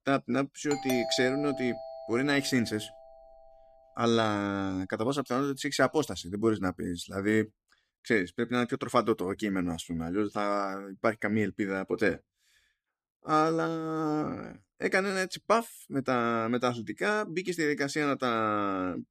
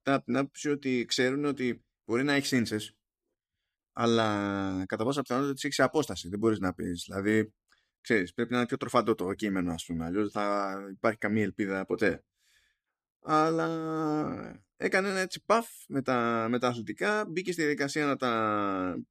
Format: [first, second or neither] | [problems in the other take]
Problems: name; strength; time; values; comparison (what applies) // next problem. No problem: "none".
second | doorbell; noticeable; from 0.5 to 2.5 s; peak 4 dB below the speech